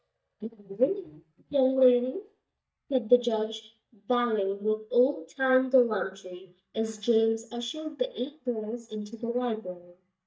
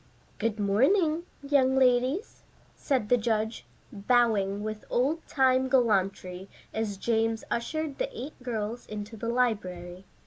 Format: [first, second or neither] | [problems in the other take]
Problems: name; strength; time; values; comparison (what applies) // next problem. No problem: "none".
second | noise reduction (neural mask model DeepFilterNet 3)